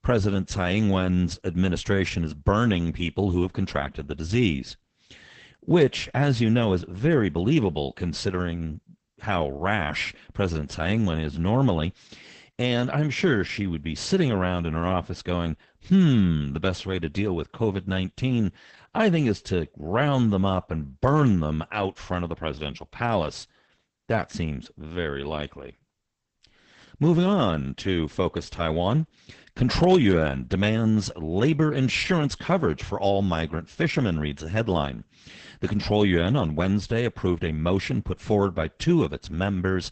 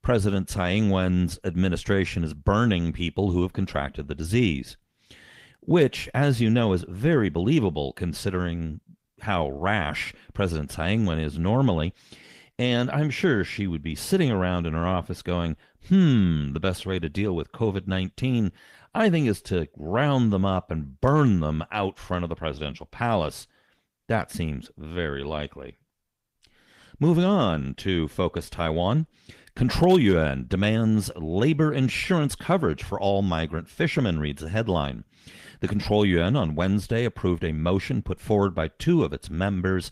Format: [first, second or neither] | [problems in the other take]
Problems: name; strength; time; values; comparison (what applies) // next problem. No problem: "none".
second | garbled, watery; badly; nothing above 8 kHz; slightly in the second